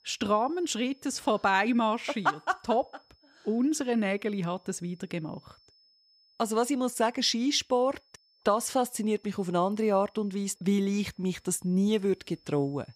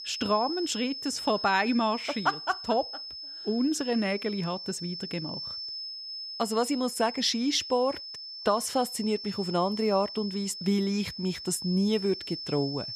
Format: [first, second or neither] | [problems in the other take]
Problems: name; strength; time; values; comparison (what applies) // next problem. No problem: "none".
first | high-pitched whine; loud; throughout; 5 kHz, 8 dB below the speech; faint in the first